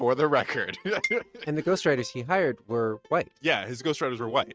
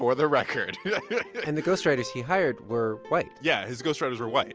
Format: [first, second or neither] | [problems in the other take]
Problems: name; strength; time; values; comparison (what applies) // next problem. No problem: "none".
second | noise reduction (neural mask model RNNoise)